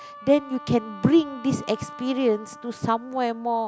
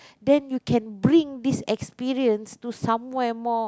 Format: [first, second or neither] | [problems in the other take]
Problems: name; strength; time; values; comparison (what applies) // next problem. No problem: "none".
second | background sound (Wind instrument, woodwind instrument); 18 dB below the speech